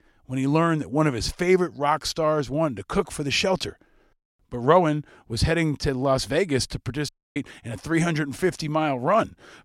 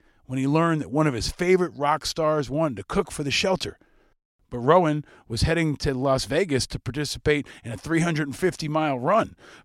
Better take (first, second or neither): second